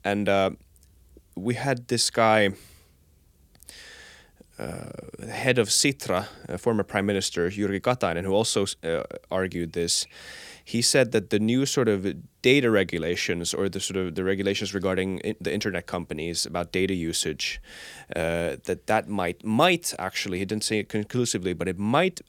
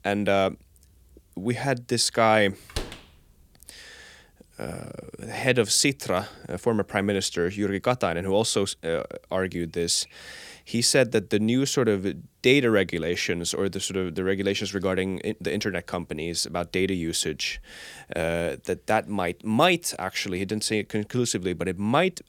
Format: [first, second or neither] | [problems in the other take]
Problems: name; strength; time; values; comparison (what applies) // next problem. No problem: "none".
first | door banging; faint; at 3 s; peak 10 dB below the speech